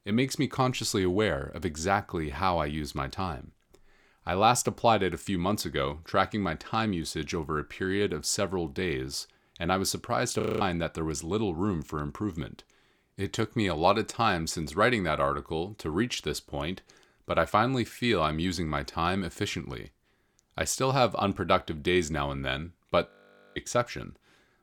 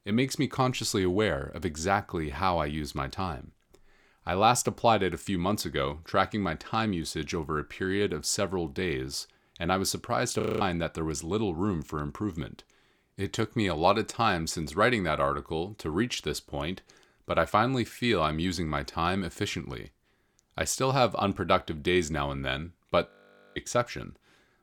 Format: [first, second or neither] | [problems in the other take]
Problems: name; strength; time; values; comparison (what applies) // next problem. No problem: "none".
neither | audio freezing; at 10 s and at 23 s; the same in both